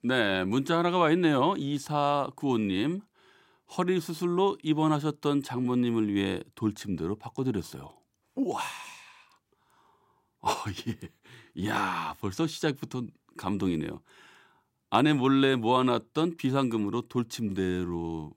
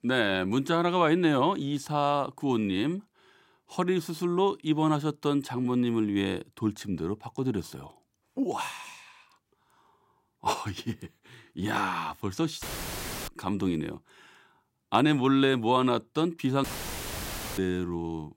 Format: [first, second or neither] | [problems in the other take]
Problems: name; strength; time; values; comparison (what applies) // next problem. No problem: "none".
first | audio cutting out; filled with static; at 13 s for 0.5 s and at 17 s for 1 s